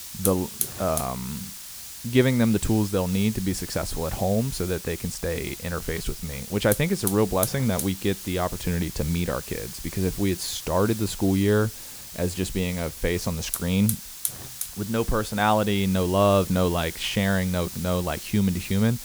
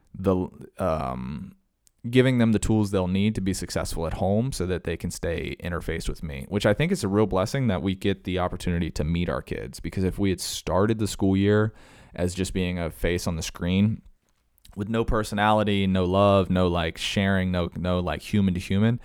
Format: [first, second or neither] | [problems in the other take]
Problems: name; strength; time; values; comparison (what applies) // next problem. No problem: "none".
second | hiss; loud; throughout; 8 dB below the speech